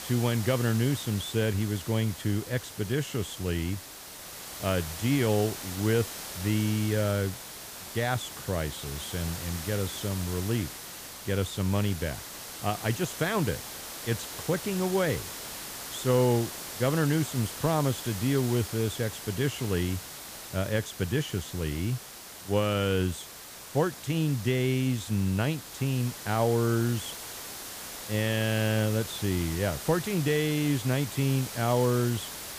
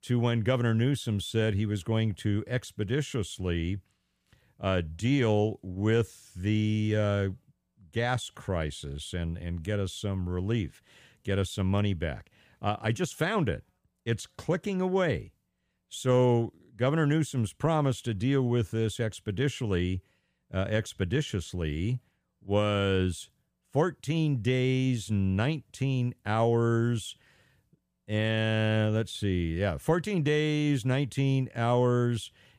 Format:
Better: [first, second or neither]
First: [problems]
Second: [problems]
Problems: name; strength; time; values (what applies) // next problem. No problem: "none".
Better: second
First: hiss; loud; throughout; 9 dB below the speech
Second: none